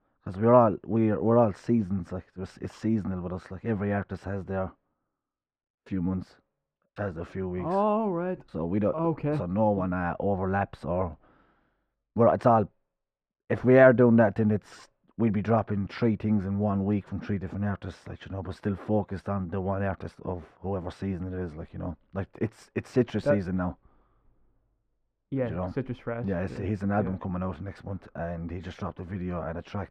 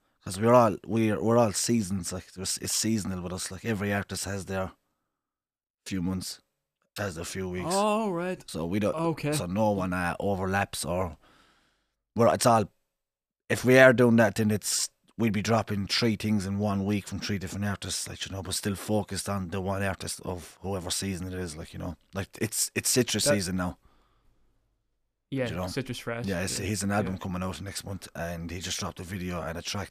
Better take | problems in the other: second | muffled; very; fading above 3.5 kHz

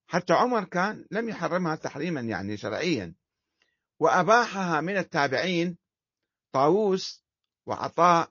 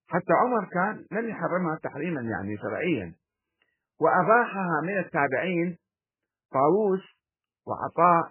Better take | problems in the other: first | garbled, watery; badly; nothing above 3 kHz; slightly in the first

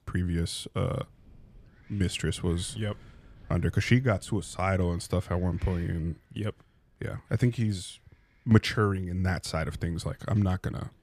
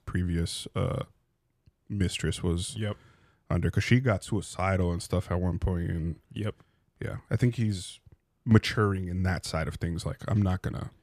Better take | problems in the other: second | wind noise on the microphone; occasional gusts; 25 dB below the speech

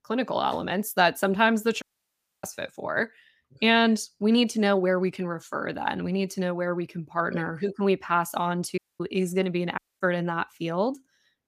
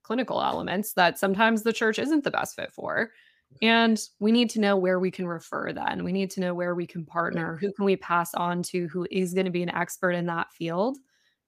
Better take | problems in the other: second | audio cutting out; at 2 s for 0.5 s, at 9 s and at 10 s

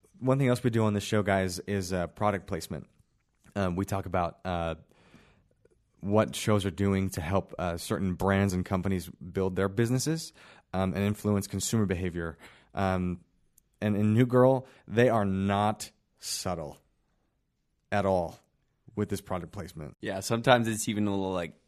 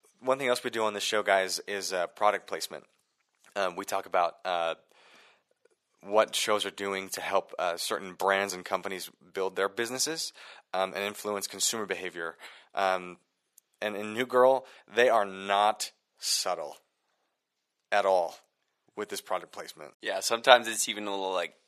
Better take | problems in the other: first | thin; very; fading below 650 Hz

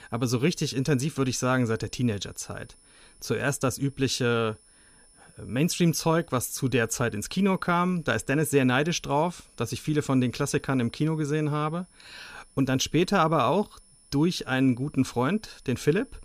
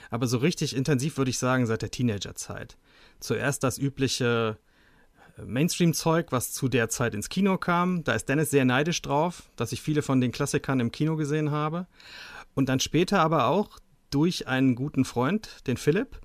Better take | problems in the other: second | high-pitched whine; faint; throughout; 10 kHz, 30 dB below the speech

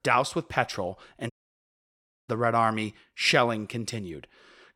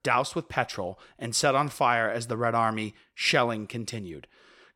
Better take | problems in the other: second | audio cutting out; at 1.5 s for 1 s

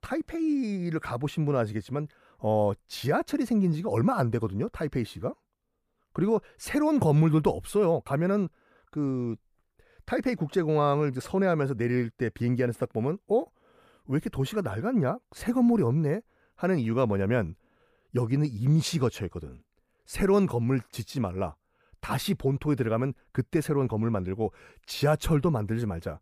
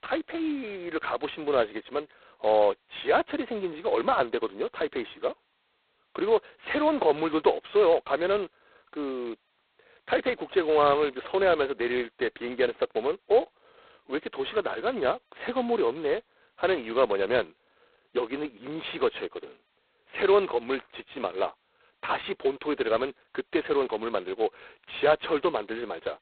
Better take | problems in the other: first | phone-call audio; poor line; nothing above 4 kHz

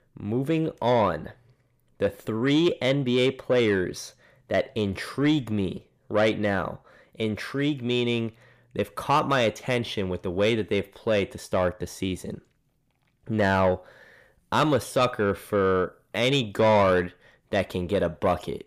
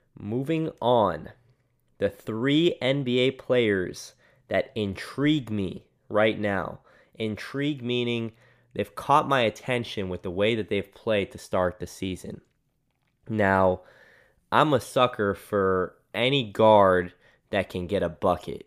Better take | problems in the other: second | distortion; slight; 10 dB below the speech

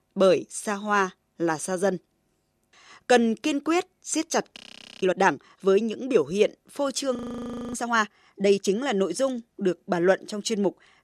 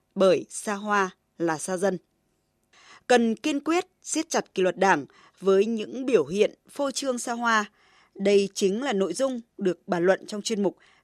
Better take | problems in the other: second | audio freezing; at 4.5 s and at 7 s for 0.5 s

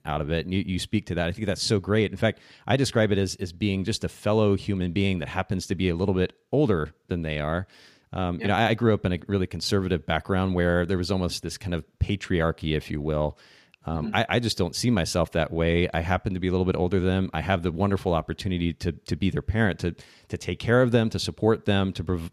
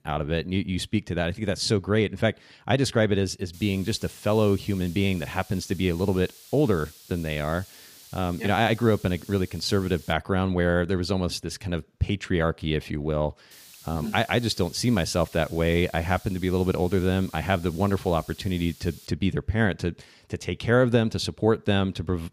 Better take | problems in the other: first | hiss; faint; from 3.5 to 10 s and from 14 to 19 s; 20 dB below the speech

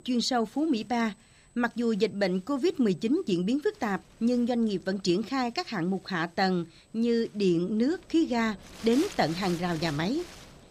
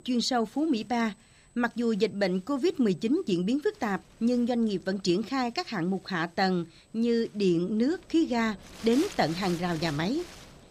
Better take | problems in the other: neither | wind noise on the microphone; occasional gusts; 15 dB below the speech; the same in both

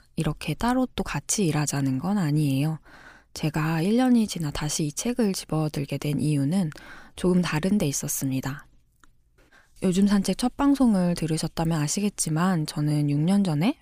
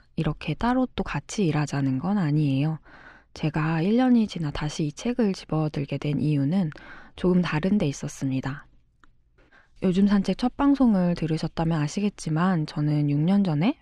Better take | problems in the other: first | muffled; slightly; fading above 3.5 kHz

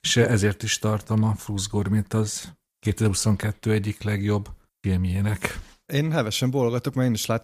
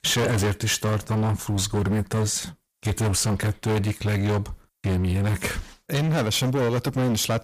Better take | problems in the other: first | distortion; heavy; 28% of the sound clipped

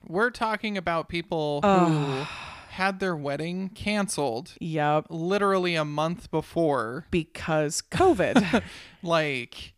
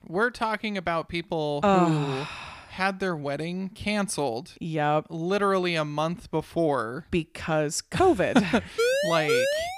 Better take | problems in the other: first | siren; loud; from 9 s on; peak 2 dB above the speech

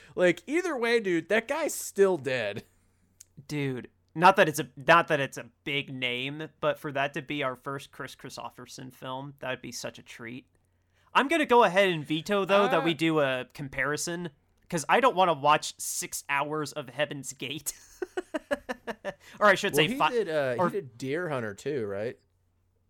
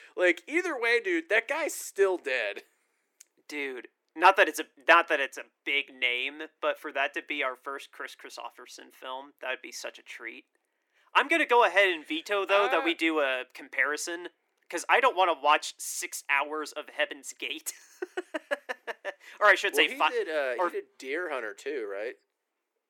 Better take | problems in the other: first | thin; somewhat; fading below 300 Hz

